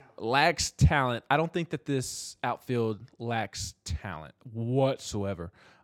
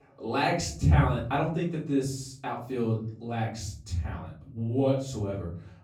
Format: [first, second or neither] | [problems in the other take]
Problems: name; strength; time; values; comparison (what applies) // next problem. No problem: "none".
first | room echo; noticeable; dies away in 0.7 s // off-mic speech; far